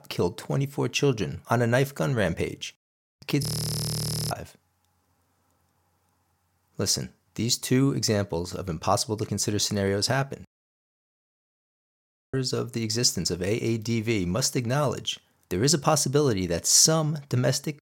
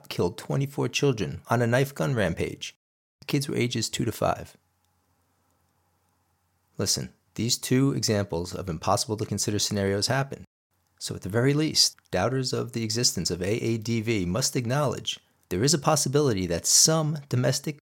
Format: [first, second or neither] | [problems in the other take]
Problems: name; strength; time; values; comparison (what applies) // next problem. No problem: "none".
second | audio freezing; at 3.5 s for 1 s and at 11 s for 1.5 s